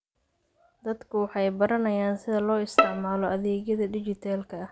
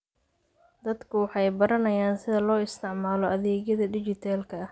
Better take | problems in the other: second | background sound (Bowed string instrument); 1 dB below the speech

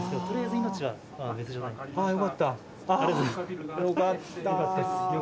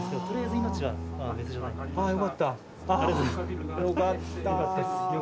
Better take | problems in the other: first | background sound (Bowed string instrument); 7 dB below the speech

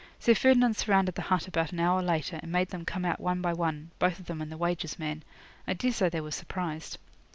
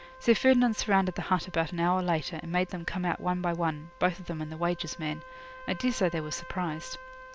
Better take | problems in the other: first | background sound (Trumpet); 19 dB below the speech

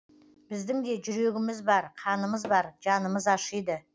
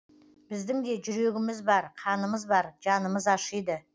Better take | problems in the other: second | background sound (Tap / Hammer); 17 dB below the speech

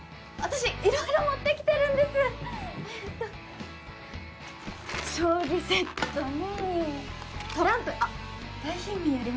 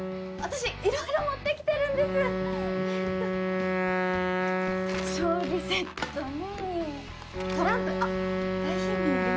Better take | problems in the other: first | background sound (Wind instrument, woodwind instrument); 1 dB above the speech

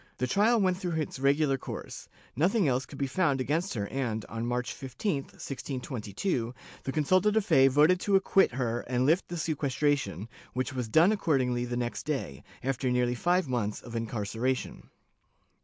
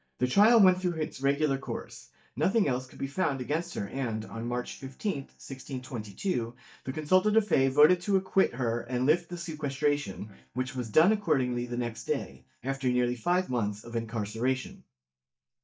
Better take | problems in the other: first | noise reduction (neural mask model DeepFilterNet 3)

